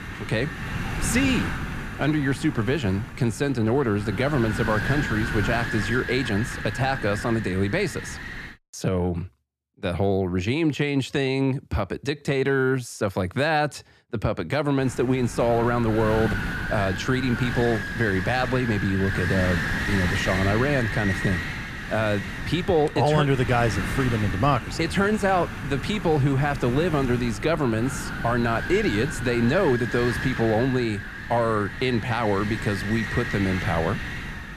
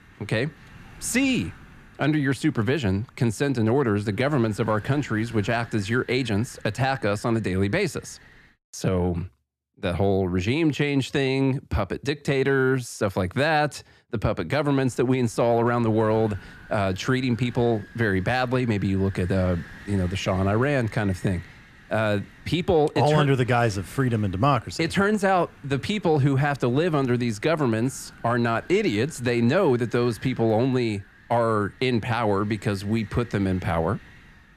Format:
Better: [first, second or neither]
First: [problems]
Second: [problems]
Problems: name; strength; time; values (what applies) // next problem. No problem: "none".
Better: second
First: wind noise on the microphone; heavy; until 8.5 s and from 15 s on; 4 dB below the speech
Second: wind noise on the microphone; occasional gusts; until 8.5 s and from 15 s on; 20 dB below the speech